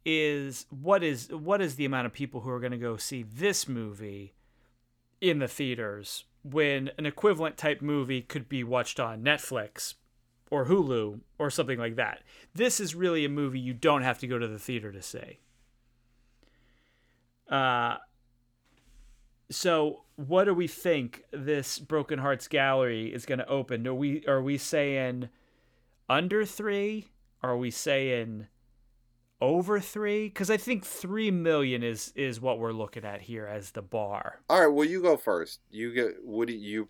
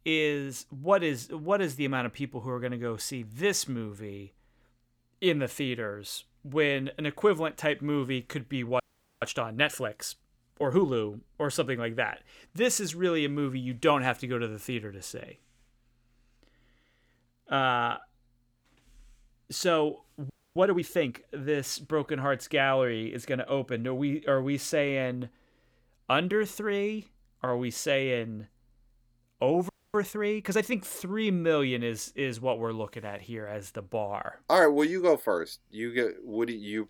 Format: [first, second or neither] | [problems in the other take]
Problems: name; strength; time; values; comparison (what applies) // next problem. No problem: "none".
first | audio freezing; at 9 s, at 20 s and at 30 s